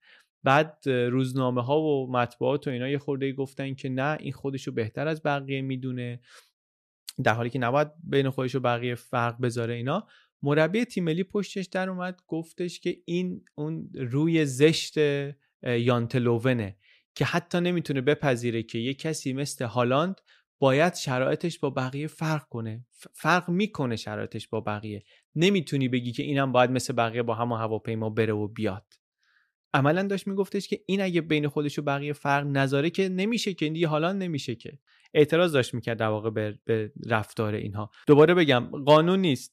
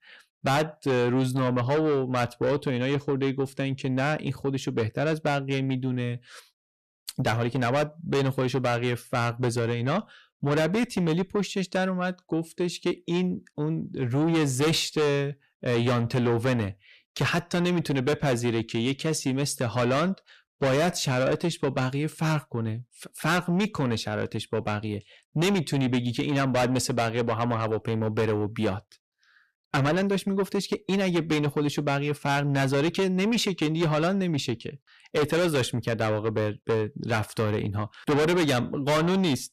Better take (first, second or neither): first